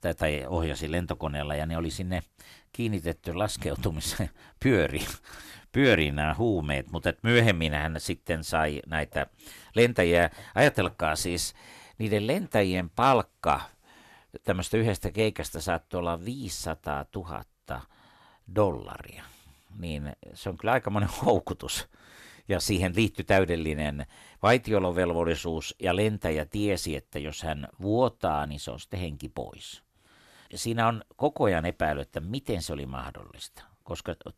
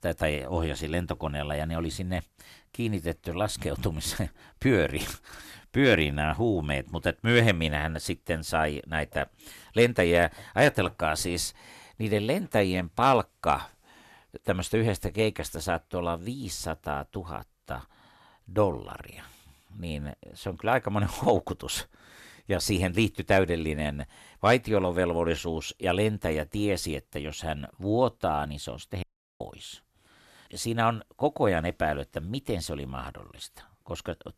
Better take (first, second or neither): first